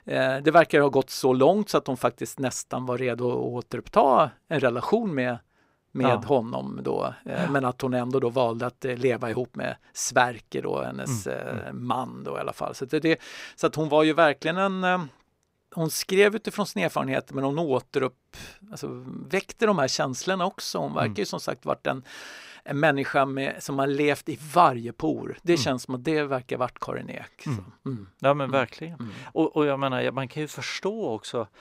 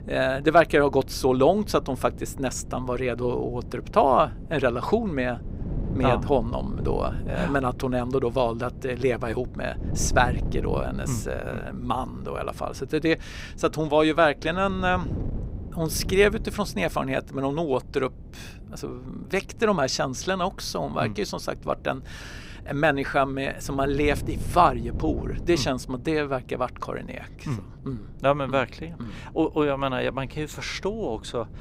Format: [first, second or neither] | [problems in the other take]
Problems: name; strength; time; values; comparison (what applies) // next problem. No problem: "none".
first | wind noise on the microphone; occasional gusts; 20 dB below the speech